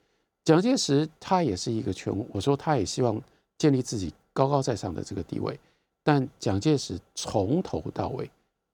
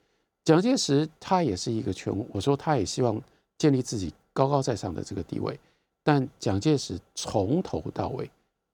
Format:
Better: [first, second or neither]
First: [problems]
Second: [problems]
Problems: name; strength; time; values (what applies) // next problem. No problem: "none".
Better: neither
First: none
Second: none